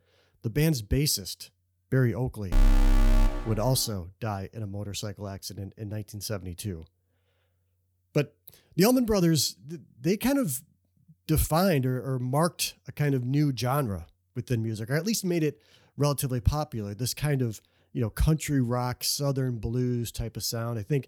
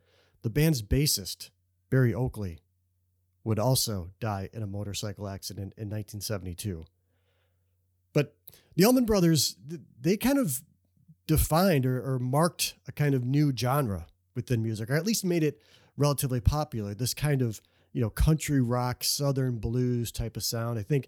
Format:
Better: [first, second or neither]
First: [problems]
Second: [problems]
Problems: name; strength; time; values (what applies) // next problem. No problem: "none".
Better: second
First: alarm; loud; from 2.5 to 3.5 s; peak 3 dB above the speech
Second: none